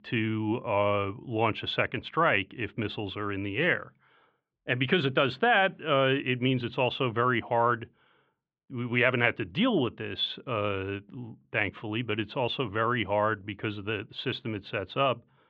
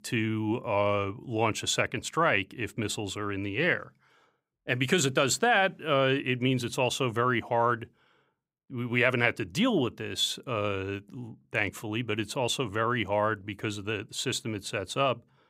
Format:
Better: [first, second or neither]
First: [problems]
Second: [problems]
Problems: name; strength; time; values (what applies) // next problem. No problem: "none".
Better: second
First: muffled; very; fading above 3.5 kHz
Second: none